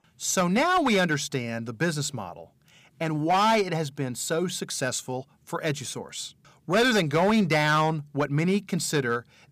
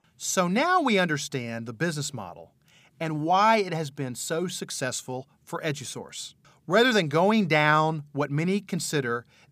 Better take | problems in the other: second | distortion; slight; 5% of the sound clipped

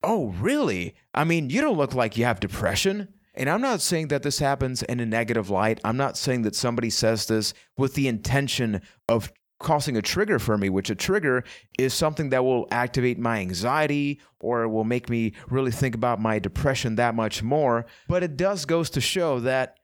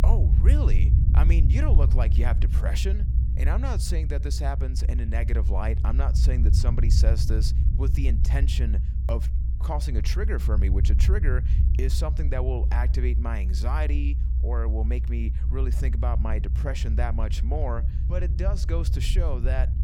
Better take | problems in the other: first | low rumble; loud; throughout; 7 dB below the speech

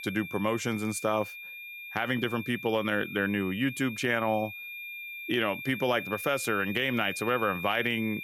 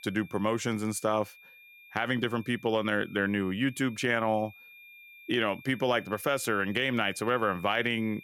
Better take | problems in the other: second | high-pitched whine; loud; throughout; 2.5 kHz, 9 dB below the speech; faint in the second

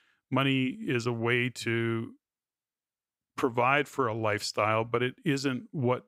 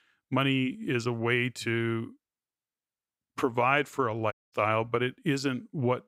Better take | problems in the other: first | audio cutting out; at 4.5 s

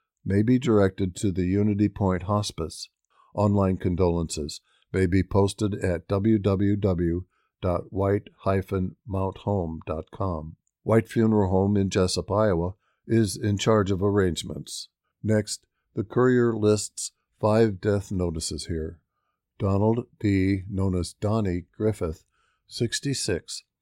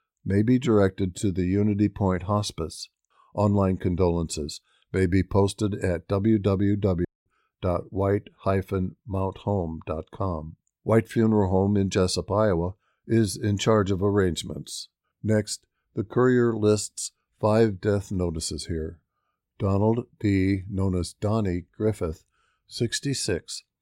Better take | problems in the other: first | audio cutting out; at 7 s

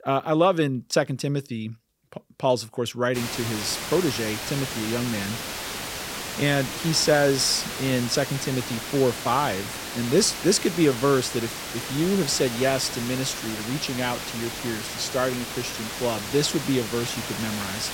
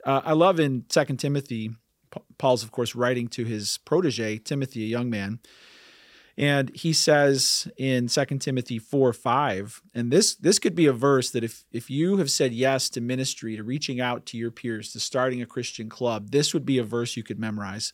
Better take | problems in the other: second | hiss; loud; from 3 s on; 6 dB below the speech

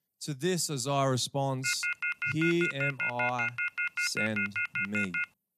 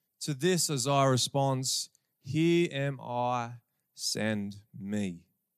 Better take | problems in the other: second | phone ringing; loud; from 1.5 s on; peak 2 dB above the speech

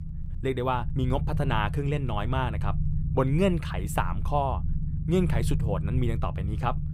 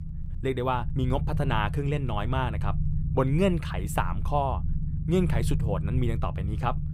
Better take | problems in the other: neither | low rumble; noticeable; throughout; 15 dB below the speech; the same in both

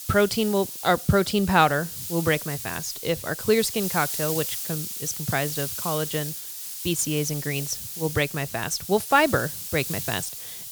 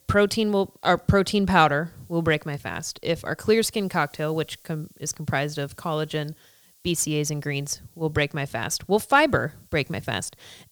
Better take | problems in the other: second | hiss; loud; throughout; 6 dB below the speech; faint in the second

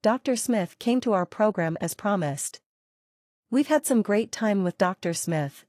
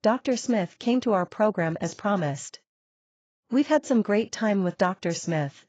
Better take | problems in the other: first | garbled, watery; badly; nothing above 7.5 kHz; slightly in the first

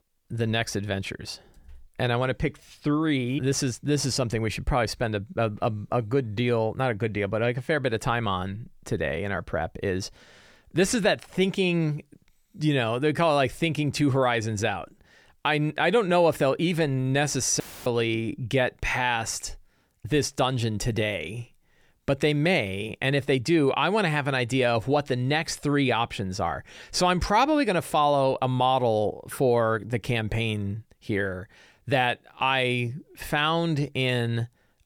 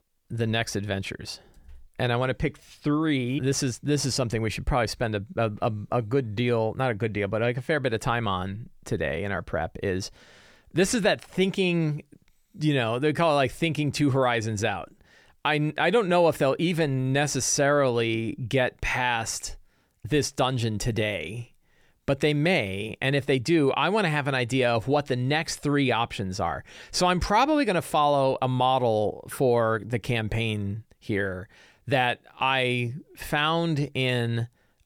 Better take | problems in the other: second | audio cutting out; filled with static; at 18 s

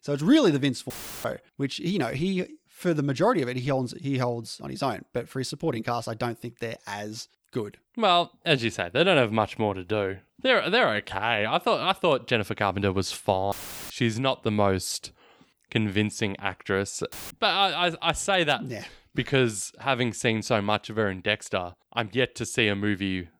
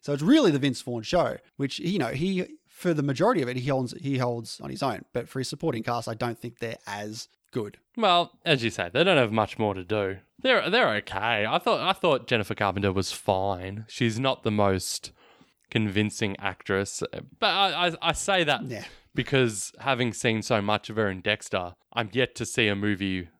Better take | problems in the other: second | audio cutting out; filled with static; at 1 s, at 14 s and at 17 s

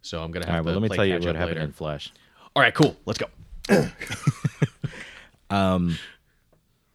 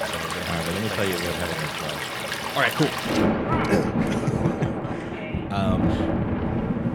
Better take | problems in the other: first | rain or running water; very loud; throughout; 2 dB above the speech

